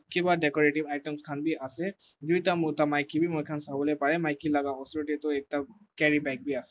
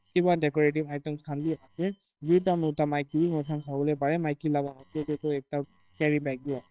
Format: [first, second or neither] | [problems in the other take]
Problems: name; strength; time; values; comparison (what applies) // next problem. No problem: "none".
first | noise reduction (neural separator model SepFormer WHAMR!)